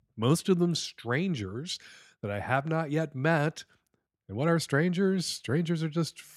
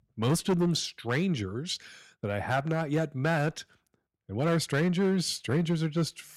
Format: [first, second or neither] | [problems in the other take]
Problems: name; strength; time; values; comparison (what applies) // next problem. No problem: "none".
first | distortion; slight; 5% of the sound clipped